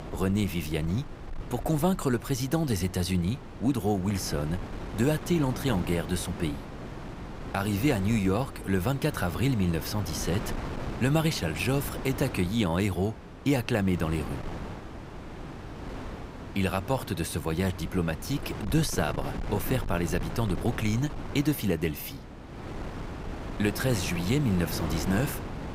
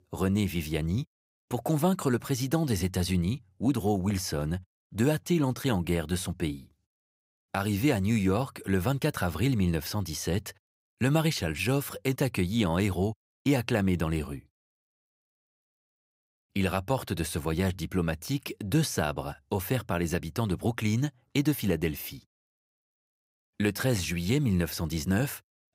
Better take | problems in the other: second | wind noise on the microphone; heavy; 10 dB below the speech

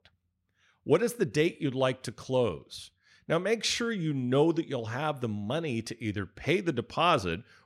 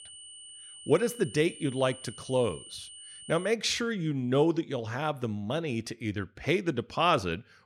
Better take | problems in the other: first | high-pitched whine; noticeable; until 3.5 s; 3 kHz, 15 dB below the speech

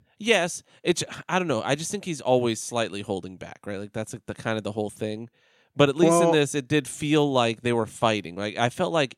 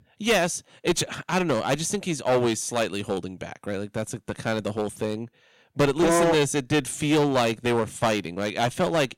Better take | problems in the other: first | distortion; heavy; 9% of the sound clipped

